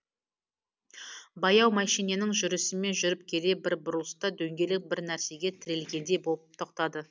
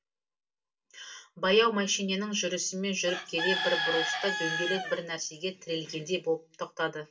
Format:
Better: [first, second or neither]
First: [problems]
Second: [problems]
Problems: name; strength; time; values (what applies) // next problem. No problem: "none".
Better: first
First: none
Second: background sound (Bird / Chicken, rooster); 4 dB below the speech // room echo; dies away in 0.2 s